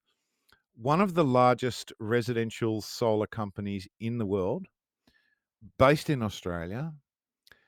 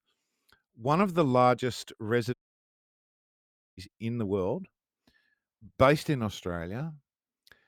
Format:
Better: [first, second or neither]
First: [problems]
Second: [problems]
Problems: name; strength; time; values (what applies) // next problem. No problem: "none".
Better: first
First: none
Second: audio cutting out; at 2.5 s for 1.5 s